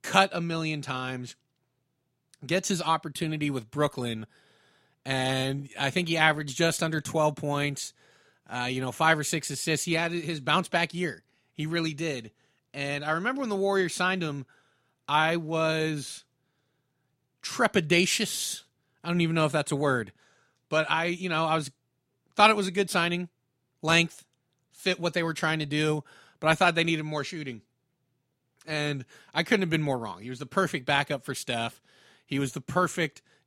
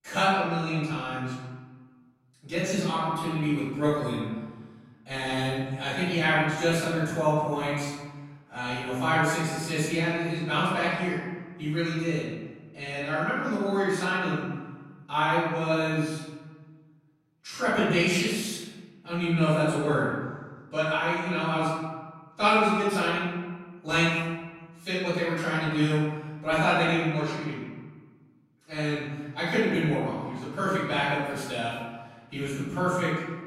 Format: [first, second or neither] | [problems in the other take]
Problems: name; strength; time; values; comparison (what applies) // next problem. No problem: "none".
first | room echo; strong; dies away in 1.3 s // off-mic speech; far